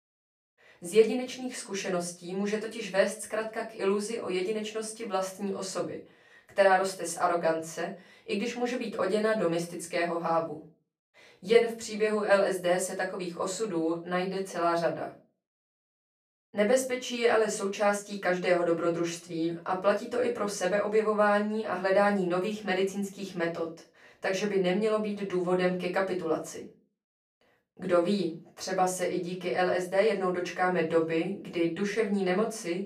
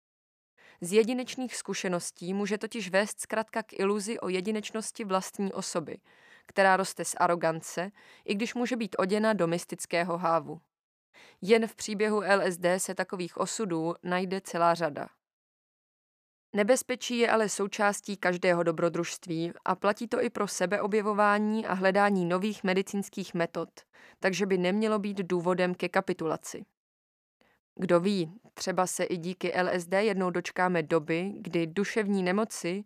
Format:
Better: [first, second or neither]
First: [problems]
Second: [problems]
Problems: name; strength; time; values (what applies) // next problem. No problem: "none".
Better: second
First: off-mic speech; far // room echo; very slight; dies away in 0.3 s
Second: none